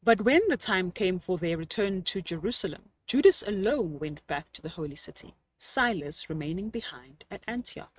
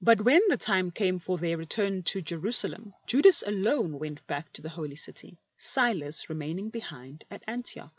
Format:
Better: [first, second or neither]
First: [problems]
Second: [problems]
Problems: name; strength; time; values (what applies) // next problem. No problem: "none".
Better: second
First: noise reduction (neural mask model RNNoise)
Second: none